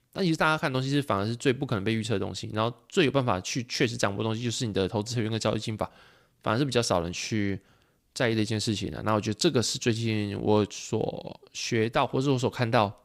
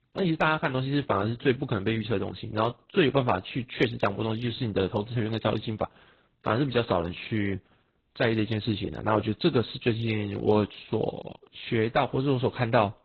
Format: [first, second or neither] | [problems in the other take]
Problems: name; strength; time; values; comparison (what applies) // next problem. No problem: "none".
first | garbled, watery; badly; nothing above 8 kHz